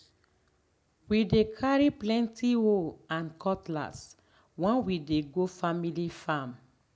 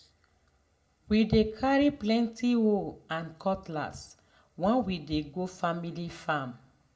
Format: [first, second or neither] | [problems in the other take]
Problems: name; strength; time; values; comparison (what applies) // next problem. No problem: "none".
first | room echo; dies away in 0.2 s